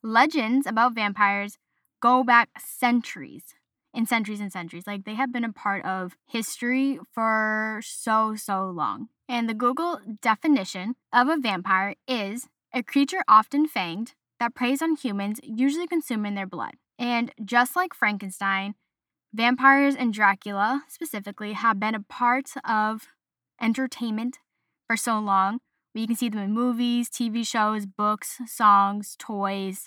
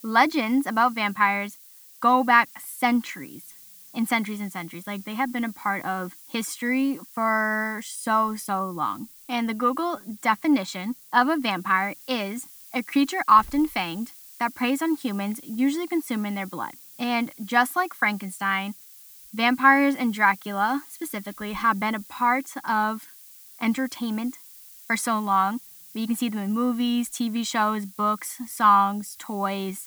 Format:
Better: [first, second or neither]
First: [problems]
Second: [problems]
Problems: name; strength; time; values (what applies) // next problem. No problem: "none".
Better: first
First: none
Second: hiss; faint; throughout; 20 dB below the speech